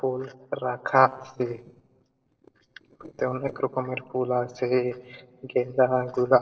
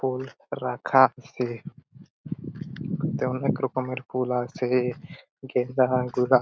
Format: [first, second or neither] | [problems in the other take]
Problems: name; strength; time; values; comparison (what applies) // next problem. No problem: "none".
second | noise reduction (neural separator model SepFormer DNS4)